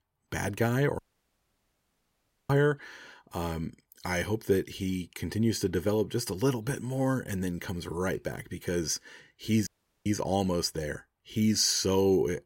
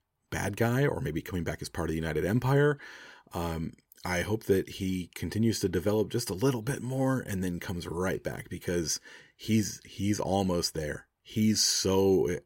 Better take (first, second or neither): second